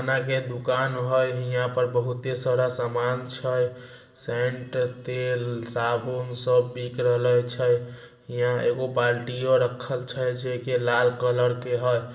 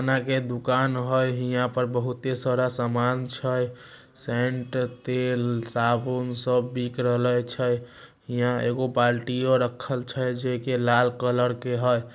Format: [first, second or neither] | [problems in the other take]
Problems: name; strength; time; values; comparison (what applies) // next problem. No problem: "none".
second | room echo; dies away in 1 s